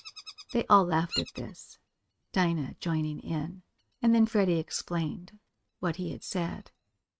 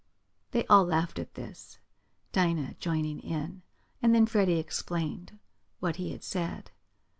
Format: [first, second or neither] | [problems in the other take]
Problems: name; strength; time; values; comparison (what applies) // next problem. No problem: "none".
second | noise reduction (neural mask model RNNoise)